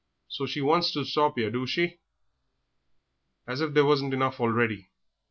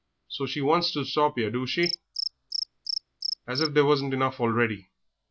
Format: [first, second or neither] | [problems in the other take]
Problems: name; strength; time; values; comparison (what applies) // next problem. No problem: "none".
first | background sound (Cricket); 10 dB below the speech